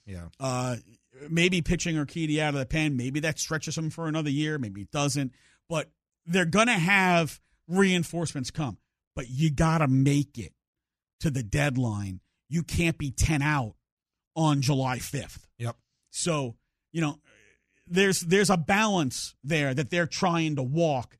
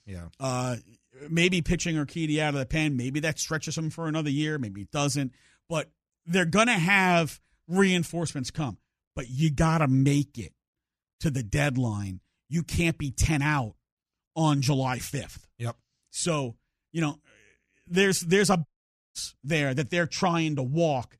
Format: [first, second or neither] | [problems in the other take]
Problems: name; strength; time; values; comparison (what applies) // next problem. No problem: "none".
first | audio cutting out; at 19 s